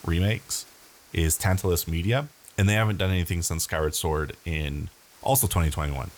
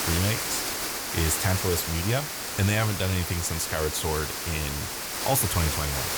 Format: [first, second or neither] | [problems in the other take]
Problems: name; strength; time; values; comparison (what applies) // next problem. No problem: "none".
first | hiss; loud; throughout; 1 dB below the speech; faint in the first